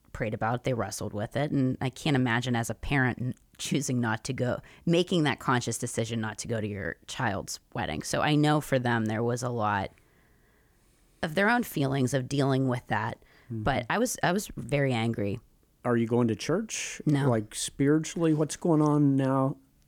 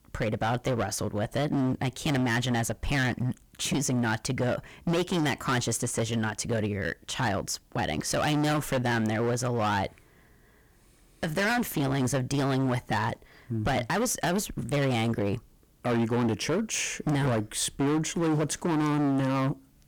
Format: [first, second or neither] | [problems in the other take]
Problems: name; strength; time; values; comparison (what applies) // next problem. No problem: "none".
first | distortion; heavy; 18% of the sound clipped